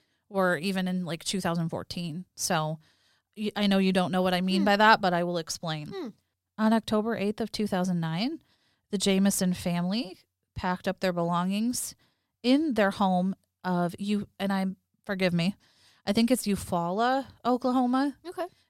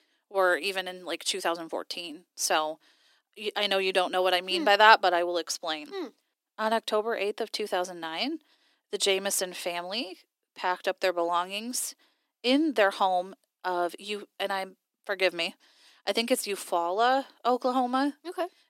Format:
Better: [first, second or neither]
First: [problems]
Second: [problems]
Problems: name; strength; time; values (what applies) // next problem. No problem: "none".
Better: first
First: none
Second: thin; somewhat; fading below 300 Hz